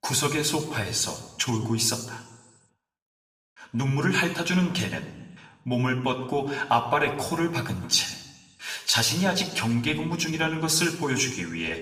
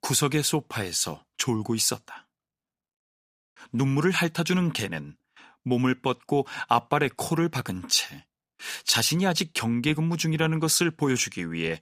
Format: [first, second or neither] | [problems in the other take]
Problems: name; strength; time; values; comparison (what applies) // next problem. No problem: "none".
second | room echo; slight; dies away in 0.8 s // off-mic speech; somewhat distant